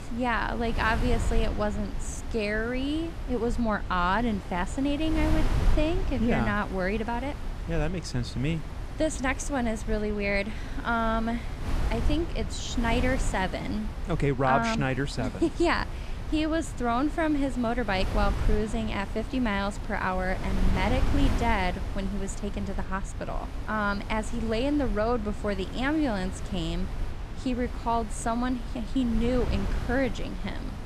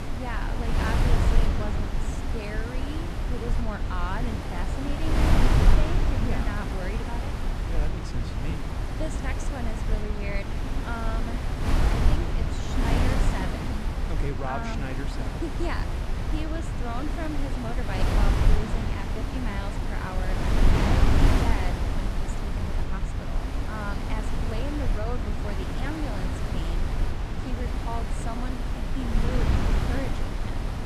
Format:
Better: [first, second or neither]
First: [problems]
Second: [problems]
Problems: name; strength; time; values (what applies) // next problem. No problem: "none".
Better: first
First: wind noise on the microphone; occasional gusts; 10 dB below the speech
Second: wind noise on the microphone; heavy; 3 dB above the speech